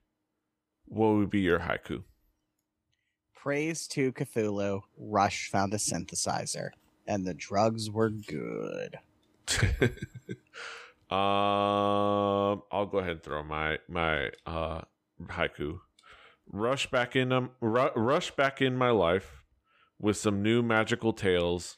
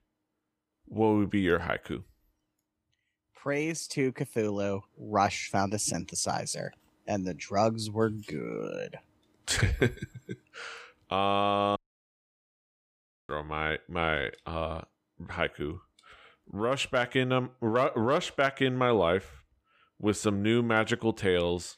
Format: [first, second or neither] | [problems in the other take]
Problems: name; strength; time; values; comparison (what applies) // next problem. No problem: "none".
first | audio cutting out; at 12 s for 1.5 s